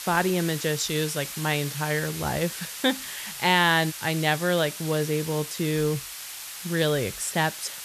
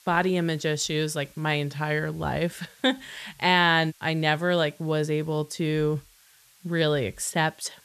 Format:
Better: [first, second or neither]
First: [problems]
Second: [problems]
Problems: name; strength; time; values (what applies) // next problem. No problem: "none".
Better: second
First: hiss; loud; throughout; 9 dB below the speech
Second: hiss; faint; throughout; 30 dB below the speech